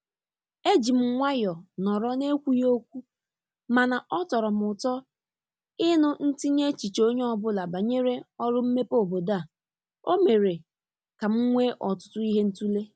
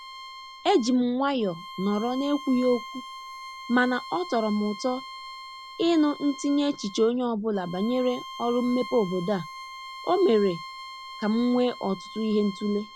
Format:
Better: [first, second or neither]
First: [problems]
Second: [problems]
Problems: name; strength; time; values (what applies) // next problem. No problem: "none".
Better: first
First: none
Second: background sound (Bowed string instrument); 14 dB below the speech